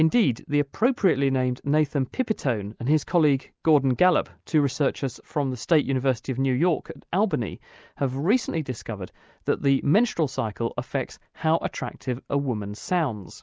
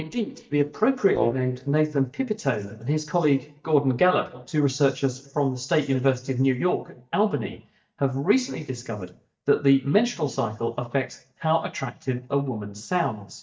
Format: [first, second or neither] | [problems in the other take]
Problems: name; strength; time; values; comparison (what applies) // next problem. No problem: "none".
first | noise reduction (neural mask model DeepFilterNet 3)